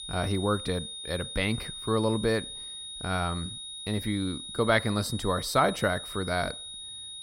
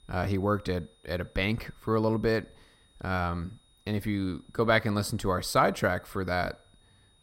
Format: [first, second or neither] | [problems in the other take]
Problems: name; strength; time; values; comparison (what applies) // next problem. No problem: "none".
second | high-pitched whine; loud; throughout; 3.5 kHz, 8 dB below the speech; faint in the second